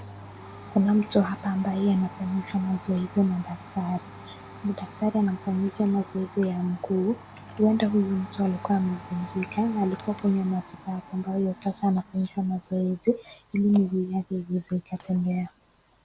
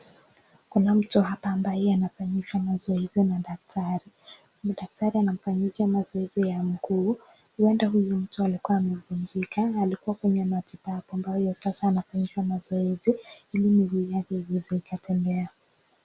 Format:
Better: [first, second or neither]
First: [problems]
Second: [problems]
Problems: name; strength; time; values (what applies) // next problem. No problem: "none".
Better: second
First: background sound (Domestic sounds, home sounds); 18 dB below the speech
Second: none